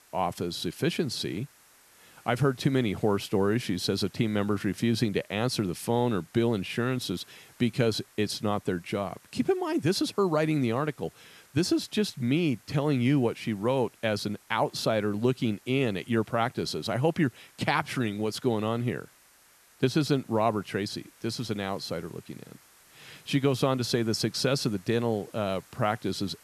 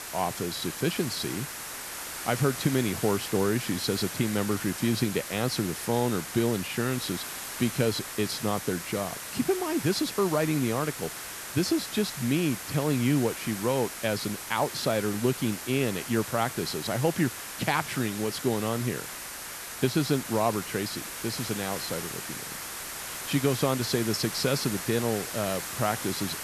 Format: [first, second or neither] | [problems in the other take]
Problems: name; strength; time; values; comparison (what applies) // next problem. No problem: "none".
first | hiss; loud; throughout; 6 dB below the speech; faint in the first